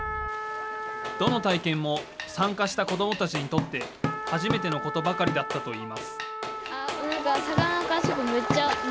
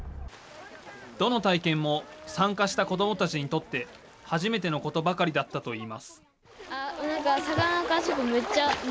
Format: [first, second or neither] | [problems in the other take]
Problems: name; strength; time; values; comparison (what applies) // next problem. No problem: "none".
second | background sound (Drum / Drum kit + Trumpet); 3 dB below the speech